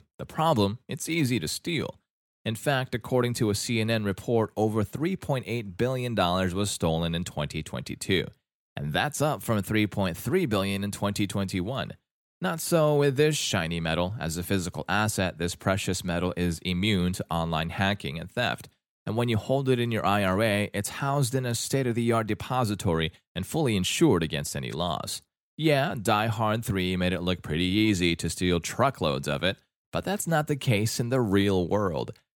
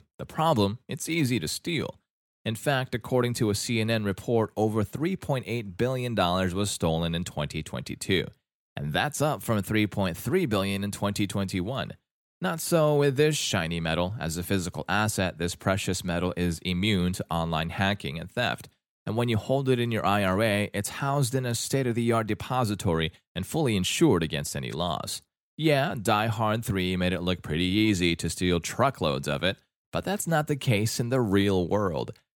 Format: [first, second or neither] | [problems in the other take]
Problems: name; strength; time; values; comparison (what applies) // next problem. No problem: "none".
neither | none